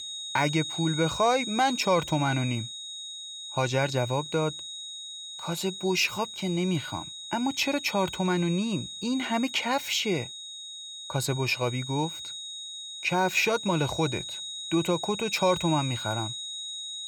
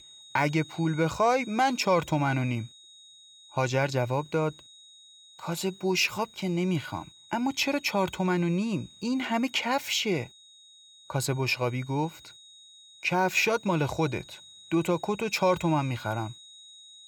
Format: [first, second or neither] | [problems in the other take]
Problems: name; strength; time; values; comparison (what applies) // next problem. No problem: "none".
second | high-pitched whine; loud; throughout; 4 kHz, 8 dB below the speech; faint in the second